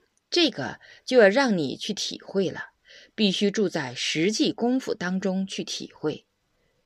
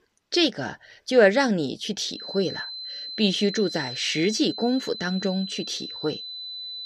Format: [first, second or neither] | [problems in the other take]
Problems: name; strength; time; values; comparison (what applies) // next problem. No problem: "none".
first | high-pitched whine; loud; from 2 s on; 4 kHz, 9 dB below the speech